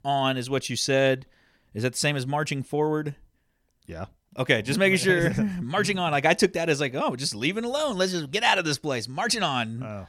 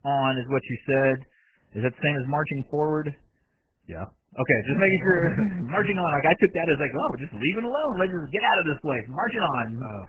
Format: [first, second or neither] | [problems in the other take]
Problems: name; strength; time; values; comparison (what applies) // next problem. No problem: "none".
first | garbled, watery; badly; nothing above 3 kHz